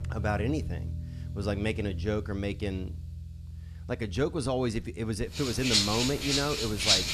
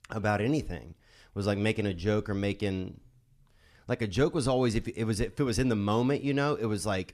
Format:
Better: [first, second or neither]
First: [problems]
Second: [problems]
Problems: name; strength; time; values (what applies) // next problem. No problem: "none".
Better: second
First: background music; very loud; throughout; 1 dB above the speech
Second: none